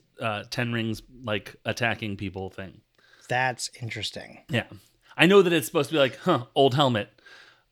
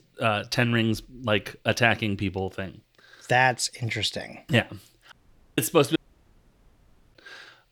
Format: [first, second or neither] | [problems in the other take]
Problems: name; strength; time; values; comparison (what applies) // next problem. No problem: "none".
first | audio cutting out; at 5 s and at 6 s for 1 s